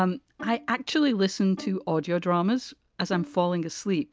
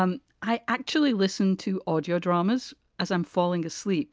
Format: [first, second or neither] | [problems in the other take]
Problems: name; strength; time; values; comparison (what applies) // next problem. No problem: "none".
second | background sound (Bowed string instrument); 19 dB below the speech